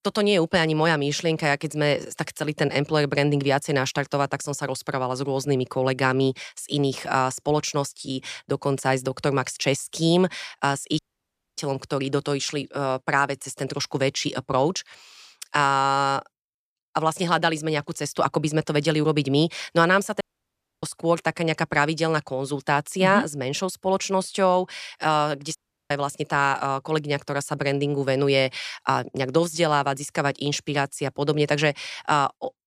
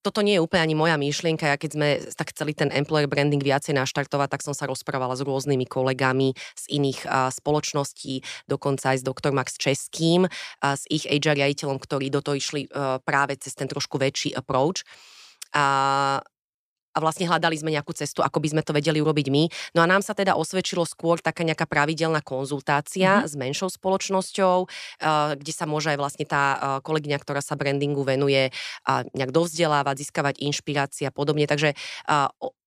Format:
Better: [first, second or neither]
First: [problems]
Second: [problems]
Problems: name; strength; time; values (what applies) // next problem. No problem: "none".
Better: second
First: audio cutting out; at 11 s for 0.5 s, at 20 s for 0.5 s and at 26 s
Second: none